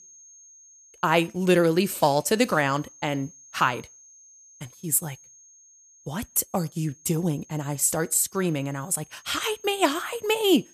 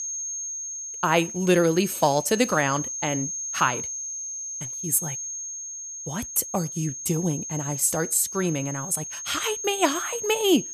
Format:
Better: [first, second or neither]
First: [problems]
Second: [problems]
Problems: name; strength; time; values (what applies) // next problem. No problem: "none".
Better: first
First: high-pitched whine; faint; throughout; 6.5 kHz, 25 dB below the speech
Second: high-pitched whine; loud; throughout; 6.5 kHz, 6 dB below the speech